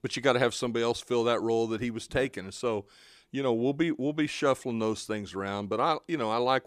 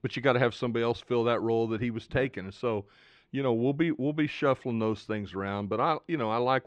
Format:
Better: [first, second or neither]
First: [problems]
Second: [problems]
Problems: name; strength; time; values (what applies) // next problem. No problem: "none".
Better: first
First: none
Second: muffled; slightly; fading above 2.5 kHz